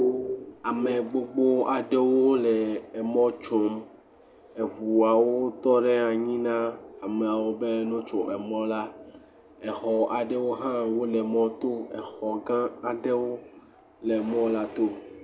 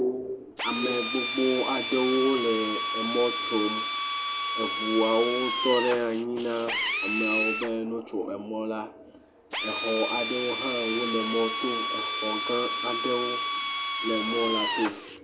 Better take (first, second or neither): first